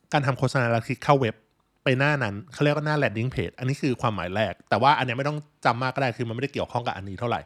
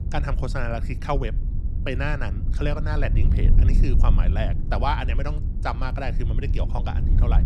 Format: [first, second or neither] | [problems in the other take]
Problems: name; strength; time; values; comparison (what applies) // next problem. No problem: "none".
first | low rumble; noticeable; throughout; 10 dB below the speech